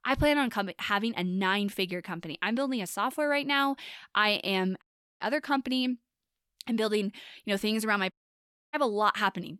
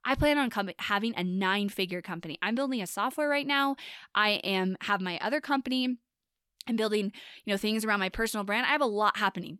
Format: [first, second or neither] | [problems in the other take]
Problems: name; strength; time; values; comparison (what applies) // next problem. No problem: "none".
second | audio cutting out; at 5 s and at 8 s for 0.5 s